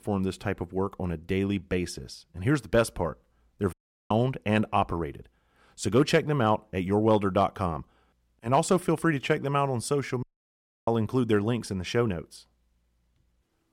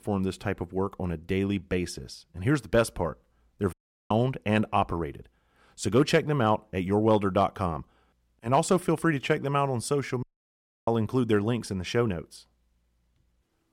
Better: neither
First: audio cutting out; at 3.5 s and at 10 s for 0.5 s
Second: audio cutting out; at 3.5 s and at 10 s for 0.5 s

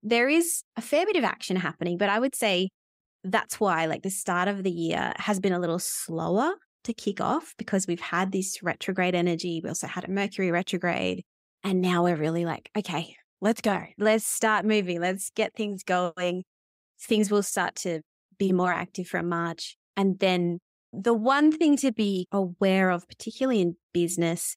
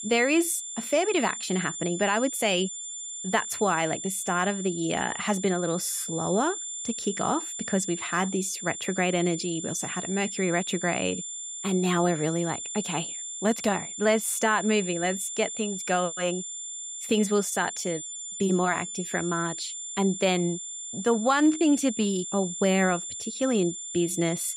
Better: first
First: none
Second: high-pitched whine; loud; throughout; 7 kHz, 7 dB below the speech

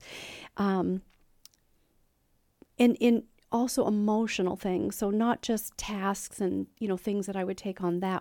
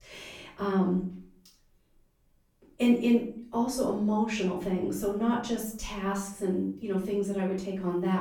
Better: first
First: none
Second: off-mic speech; far // room echo; noticeable; dies away in 0.4 s

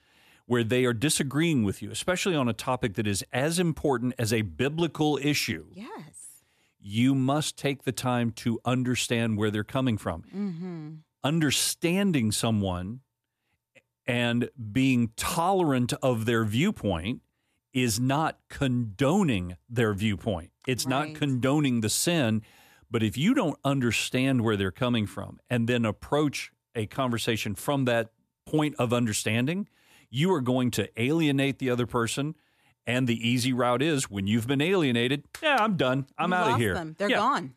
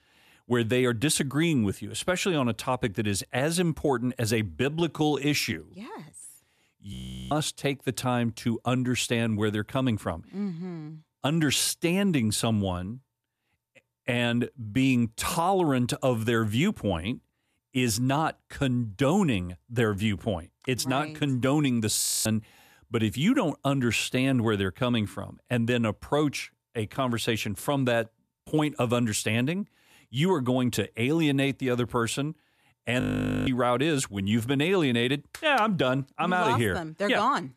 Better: first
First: none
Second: audio freezing; at 7 s, at 22 s and at 33 s

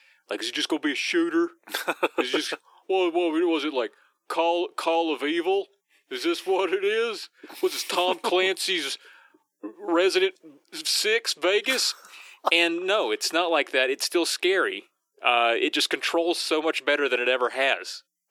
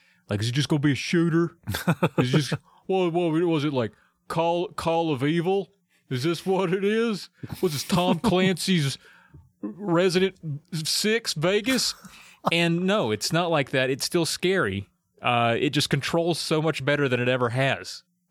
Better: second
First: thin; very; fading below 300 Hz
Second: none

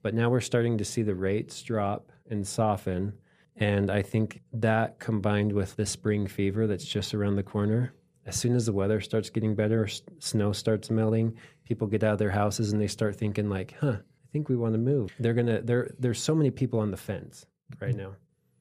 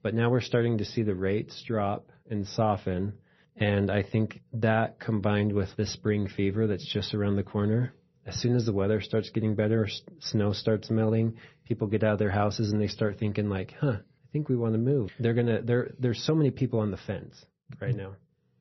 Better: first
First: none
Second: garbled, watery; slightly; nothing above 6 kHz

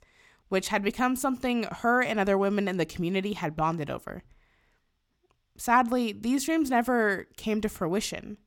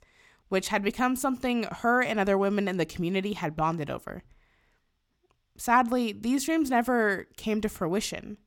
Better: neither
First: none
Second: none

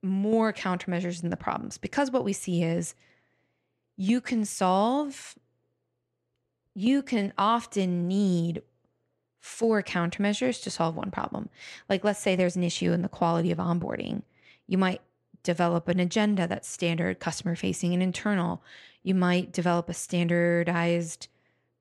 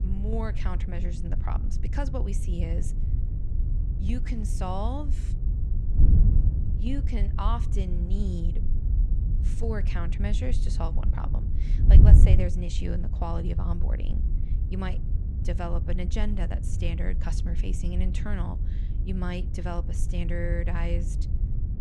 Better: first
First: none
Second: wind noise on the microphone; heavy; 6 dB below the speech

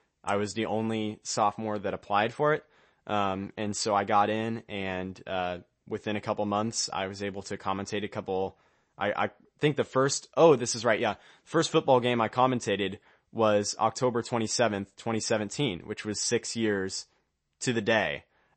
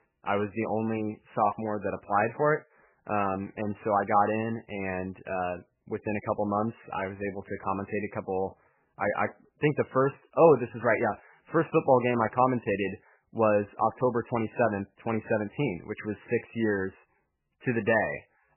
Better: first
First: garbled, watery; slightly; nothing above 8 kHz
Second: garbled, watery; badly; nothing above 3 kHz

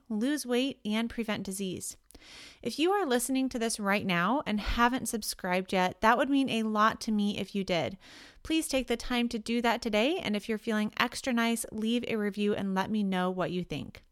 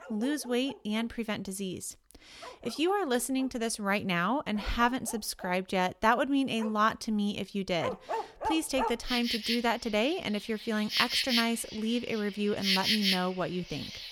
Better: first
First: none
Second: animal sounds; loud; throughout; 2 dB below the speech

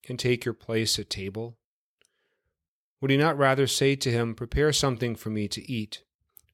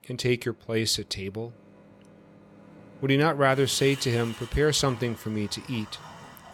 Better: first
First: none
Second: household noises; noticeable; throughout; 20 dB below the speech

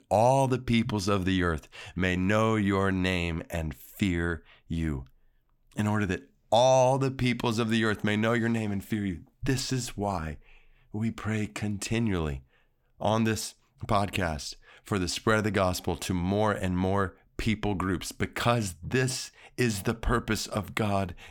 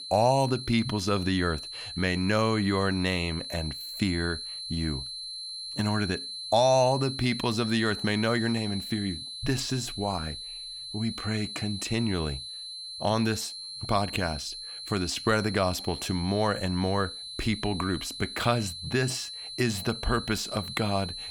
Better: first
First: none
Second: high-pitched whine; loud; throughout; 4 kHz, 7 dB below the speech

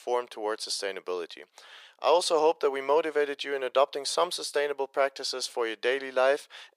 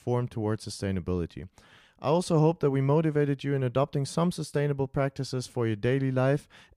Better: second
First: thin; very; fading below 450 Hz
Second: none

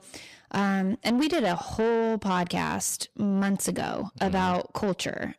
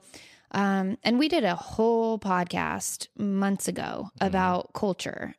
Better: second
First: distortion; slight; 10 dB below the speech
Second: none

